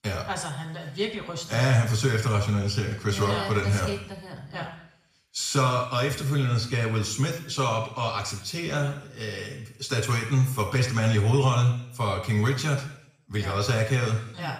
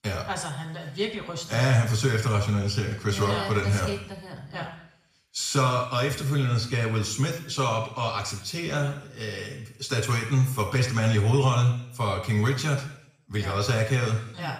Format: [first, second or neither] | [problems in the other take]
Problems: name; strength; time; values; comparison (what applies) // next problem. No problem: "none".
neither | room echo; noticeable; dies away in 0.7 s; the same in both // off-mic speech; far; the same in both